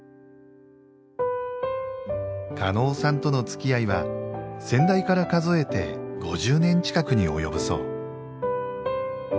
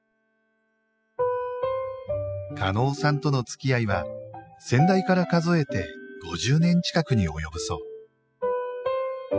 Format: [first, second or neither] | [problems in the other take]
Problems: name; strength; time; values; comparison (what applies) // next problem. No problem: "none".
first | noise reduction (classical method spectral subtraction)